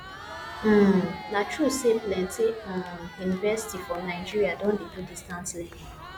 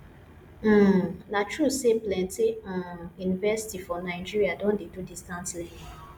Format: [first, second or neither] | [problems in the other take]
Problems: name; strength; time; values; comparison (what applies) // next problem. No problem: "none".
second | background sound (Crowd); 14 dB below the speech